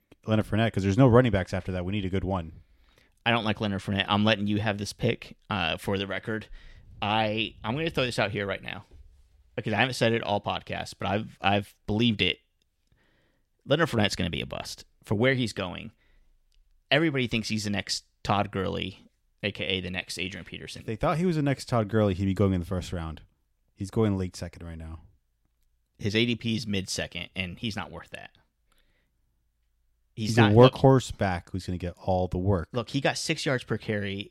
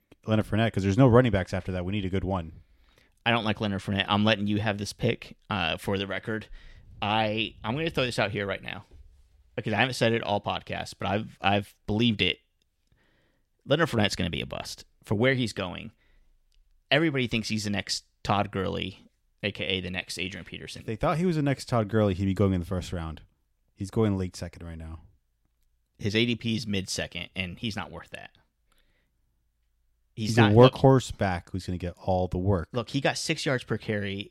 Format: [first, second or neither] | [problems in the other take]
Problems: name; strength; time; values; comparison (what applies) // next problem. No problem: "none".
neither | none